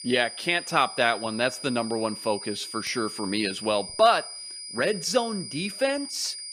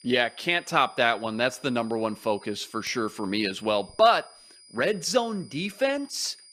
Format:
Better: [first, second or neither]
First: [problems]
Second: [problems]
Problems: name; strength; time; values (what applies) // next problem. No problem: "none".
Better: second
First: high-pitched whine; loud; throughout; 5 kHz, 10 dB below the speech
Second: high-pitched whine; faint; throughout; 5 kHz, 25 dB below the speech